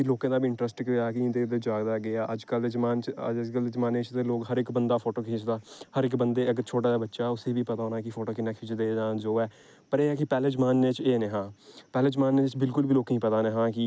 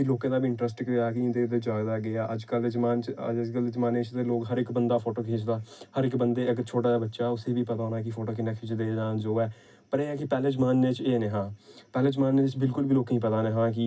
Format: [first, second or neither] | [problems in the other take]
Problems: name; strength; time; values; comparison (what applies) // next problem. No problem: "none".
first | room echo; dies away in 0.4 s